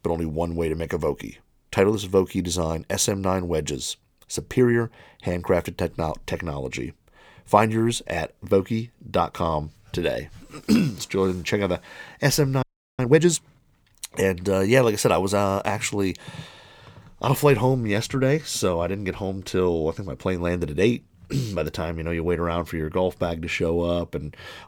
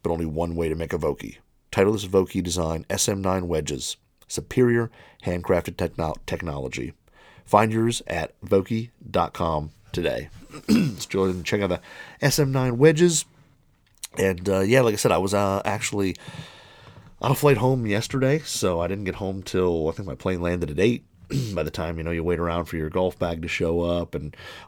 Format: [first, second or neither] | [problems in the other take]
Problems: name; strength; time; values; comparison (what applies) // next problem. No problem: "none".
second | audio freezing; at 13 s